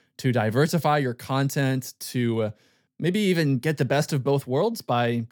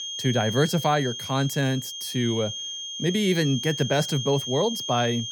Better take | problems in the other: first | high-pitched whine; loud; throughout; 3 kHz, 6 dB below the speech

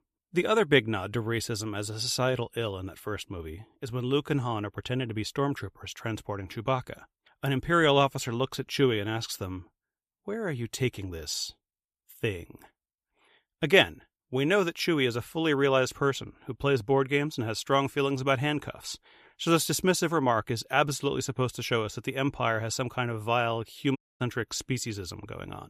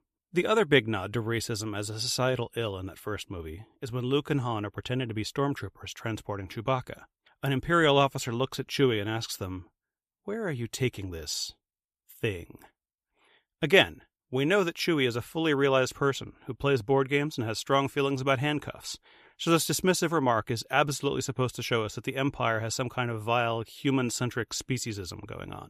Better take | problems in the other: second | audio cutting out; at 24 s

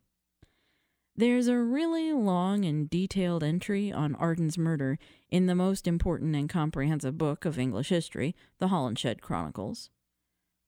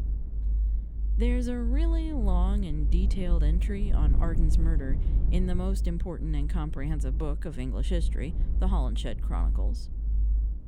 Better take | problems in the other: first | low rumble; loud; throughout; 10 dB below the speech

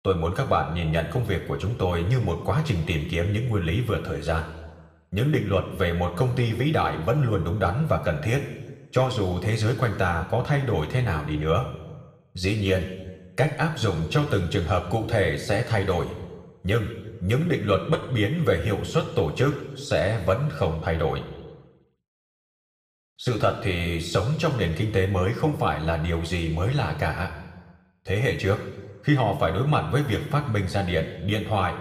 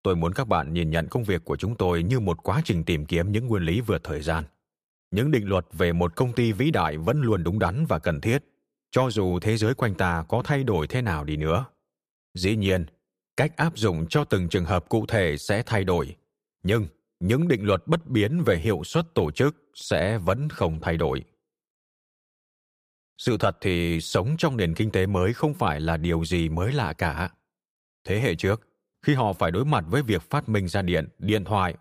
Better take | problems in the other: second | room echo; slight; dies away in 1.1 s

